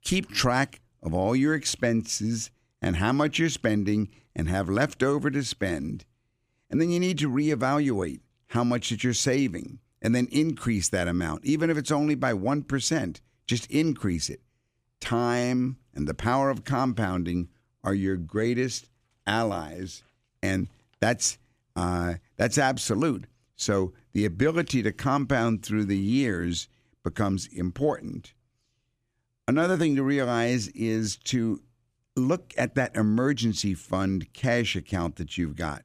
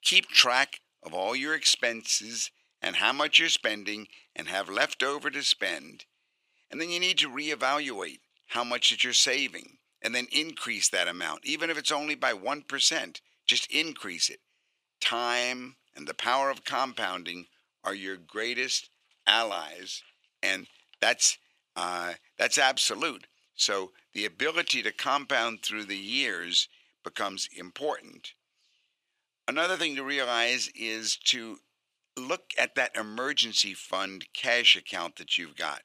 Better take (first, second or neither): first